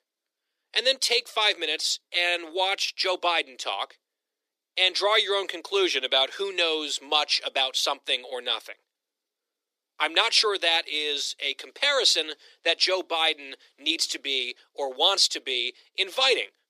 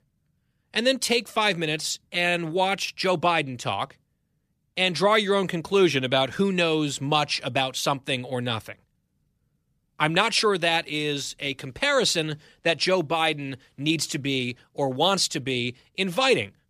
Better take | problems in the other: second | thin; very; fading below 350 Hz

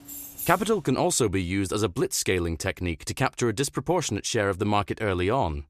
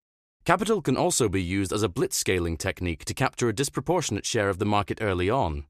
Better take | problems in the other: second | jangling keys; noticeable; at the start; peak 8 dB below the speech

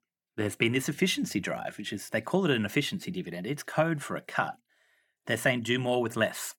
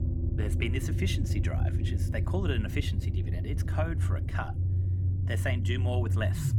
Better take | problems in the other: first | low rumble; loud; throughout; 6 dB below the speech

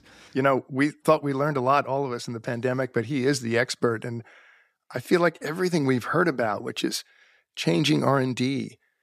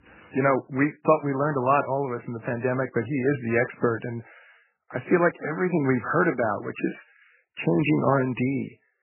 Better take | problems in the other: first | garbled, watery; badly; nothing above 3 kHz

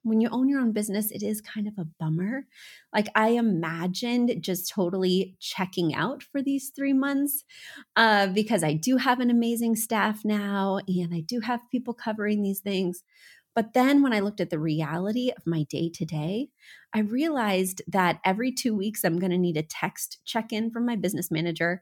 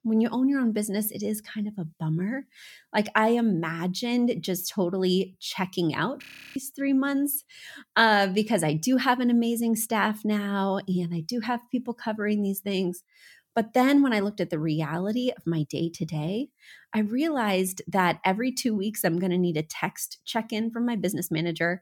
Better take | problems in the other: first | audio freezing; at 6 s

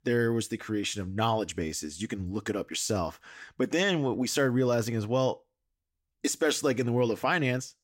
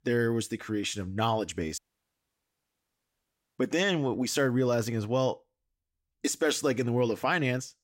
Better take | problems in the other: first | audio cutting out; at 2 s for 2 s

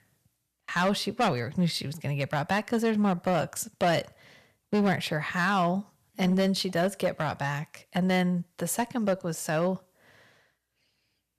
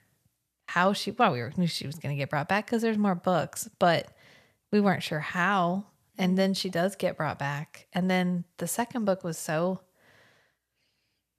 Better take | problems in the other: second | distortion; slight; 4% of the sound clipped

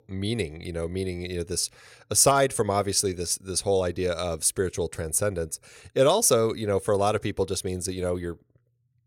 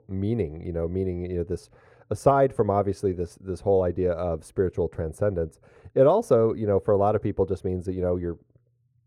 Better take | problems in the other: first | muffled; very; fading above 2 kHz

